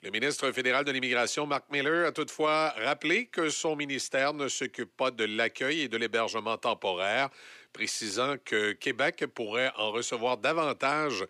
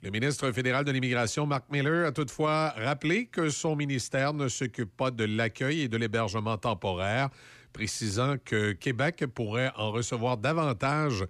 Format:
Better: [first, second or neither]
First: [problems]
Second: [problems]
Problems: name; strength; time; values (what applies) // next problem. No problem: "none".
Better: second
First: thin; somewhat; fading below 400 Hz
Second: none